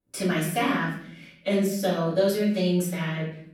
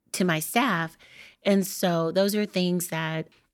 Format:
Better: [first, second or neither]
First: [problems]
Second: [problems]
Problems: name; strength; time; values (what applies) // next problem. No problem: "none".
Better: second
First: off-mic speech; far // room echo; noticeable; dies away in 0.7 s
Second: none